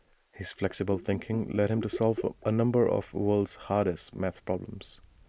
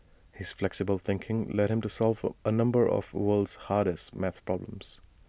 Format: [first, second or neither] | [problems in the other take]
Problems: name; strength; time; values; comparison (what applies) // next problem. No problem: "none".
second | noise reduction (neural mask model Resemble Enhance denoiser)